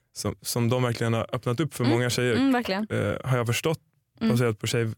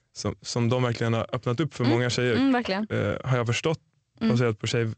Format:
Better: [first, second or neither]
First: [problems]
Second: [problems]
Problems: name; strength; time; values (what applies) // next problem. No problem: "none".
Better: first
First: none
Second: garbled, watery; slightly; nothing above 8 kHz